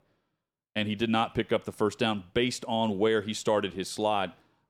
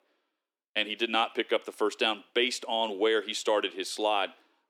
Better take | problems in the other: first | thin; somewhat; fading below 300 Hz

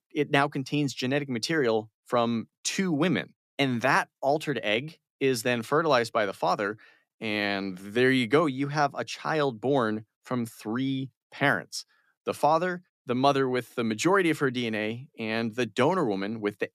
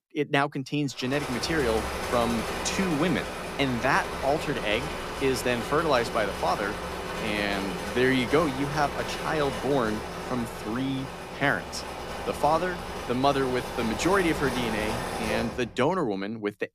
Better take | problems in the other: first | machinery noise; loud; throughout; 5 dB below the speech

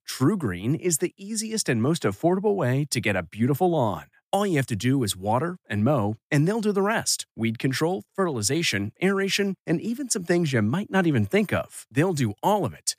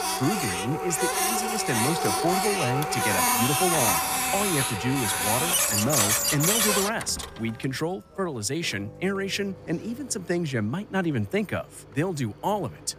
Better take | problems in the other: first | household noises; very loud; throughout; 5 dB above the speech

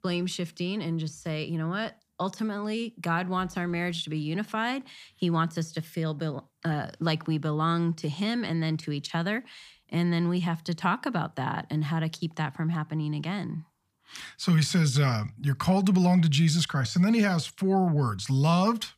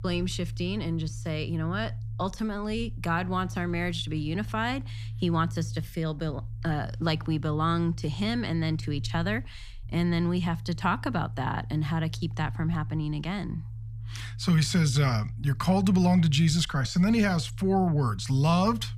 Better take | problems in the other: first | low rumble; faint; throughout; 20 dB below the speech

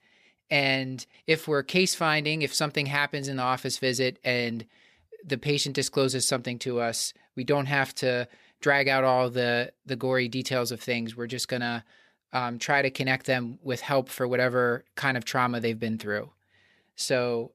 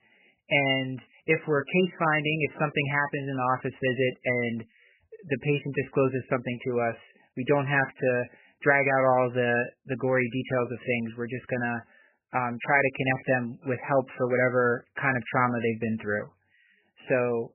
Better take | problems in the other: first | garbled, watery; badly; nothing above 3 kHz

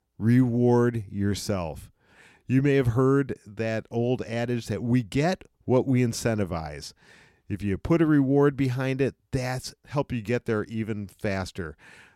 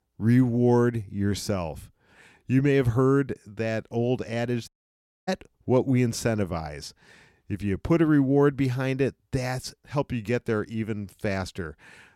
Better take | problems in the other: first | audio cutting out; at 4.5 s for 0.5 s

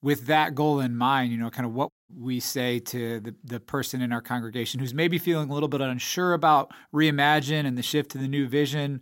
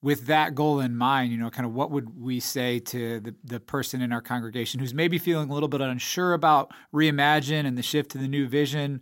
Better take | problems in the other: second | audio cutting out; at 2 s

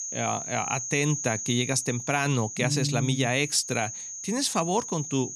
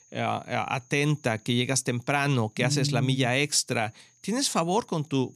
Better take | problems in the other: second | high-pitched whine; loud; throughout; 6.5 kHz, 7 dB below the speech; faint in the second

